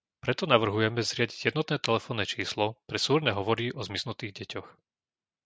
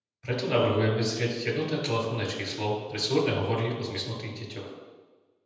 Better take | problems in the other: first | room echo; dies away in 1 s

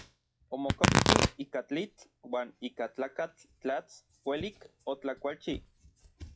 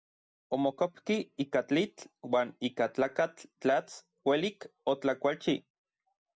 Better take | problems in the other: second | noise reduction (classical method log-MMSE)

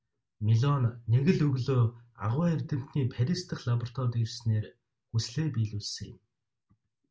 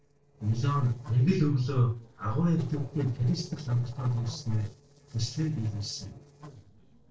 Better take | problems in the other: first | noise reduction (neural separator model SepFormer DNS4)

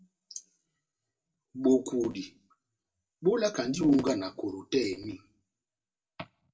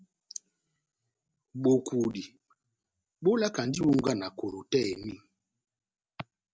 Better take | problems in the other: second | room echo; dies away in 0.2 s

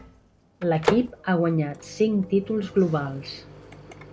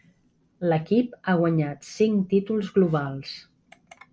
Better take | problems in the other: second | background sound (Microwave oven); 10 dB below the speech

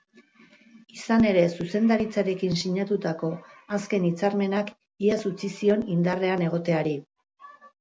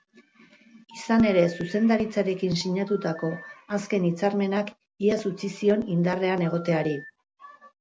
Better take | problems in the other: first | background sound (Telephone); 19 dB below the speech

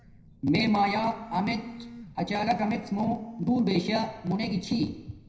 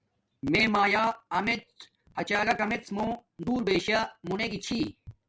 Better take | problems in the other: second | background sound (Telephone); 17 dB below the speech // room echo; dies away in 0.8 s

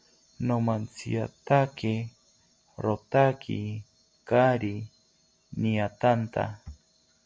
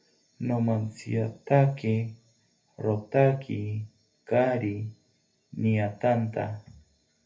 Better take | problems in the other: first | room echo; dies away in 0.3 s

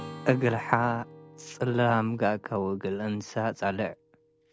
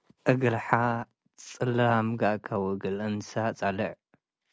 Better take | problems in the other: second | background sound (Acoustic guitar / Strum); 19 dB below the speech

